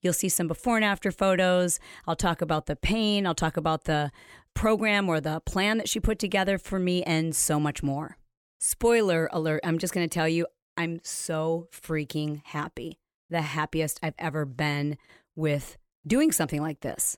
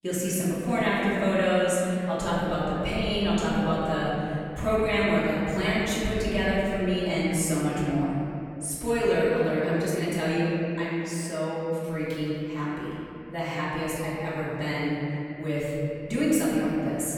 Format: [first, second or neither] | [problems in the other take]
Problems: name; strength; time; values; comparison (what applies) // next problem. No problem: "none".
first | room echo; strong; dies away in 2.9 s // off-mic speech; far